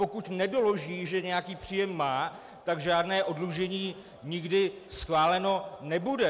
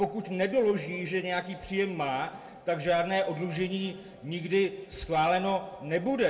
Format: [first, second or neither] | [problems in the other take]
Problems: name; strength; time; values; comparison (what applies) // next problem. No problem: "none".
first | room echo; dies away in 1.2 s